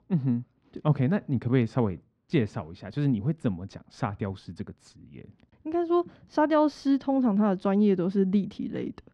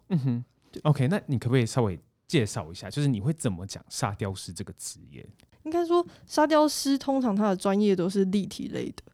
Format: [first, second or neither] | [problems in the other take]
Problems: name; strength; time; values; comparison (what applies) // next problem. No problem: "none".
second | muffled; slightly; fading above 2.5 kHz